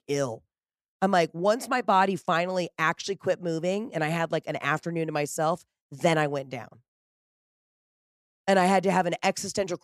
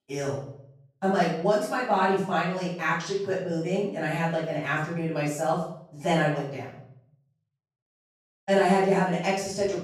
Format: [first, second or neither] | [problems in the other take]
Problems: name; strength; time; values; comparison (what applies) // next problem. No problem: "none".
first | off-mic speech; far // room echo; noticeable; dies away in 0.6 s